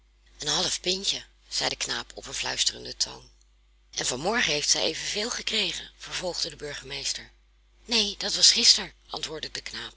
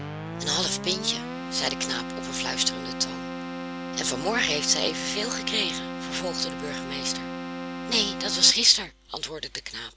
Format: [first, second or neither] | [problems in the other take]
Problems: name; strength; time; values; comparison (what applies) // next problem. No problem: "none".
first | background sound (Keyboard (musical)); 6 dB below the speech